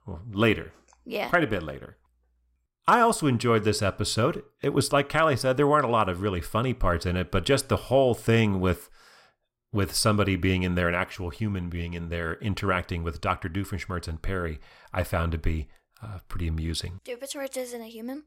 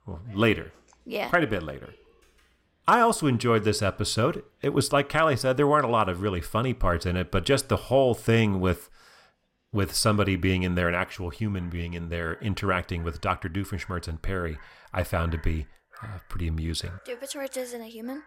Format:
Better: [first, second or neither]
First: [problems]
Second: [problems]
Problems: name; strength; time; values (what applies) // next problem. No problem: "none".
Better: first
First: none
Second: animal sounds; faint; throughout; 30 dB below the speech